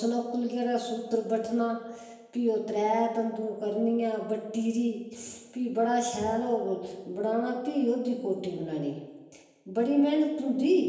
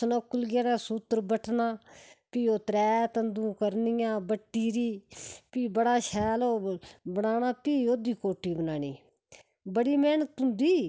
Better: second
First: room echo; dies away in 1 s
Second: none

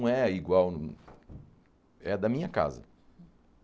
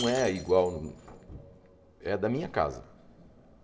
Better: first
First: none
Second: background sound (Shatter); 16 dB below the speech // room echo; dies away in 2.3 s

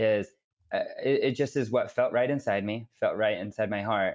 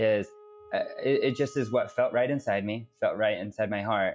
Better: first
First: none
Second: noise reduction (classical method log-MMSE)

